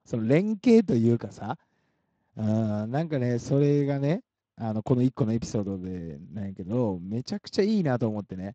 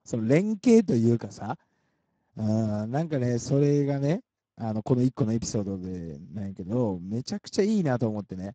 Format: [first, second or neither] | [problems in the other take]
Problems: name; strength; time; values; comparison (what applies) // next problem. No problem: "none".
first | garbled, watery; badly; nothing above 16 kHz; slightly in the first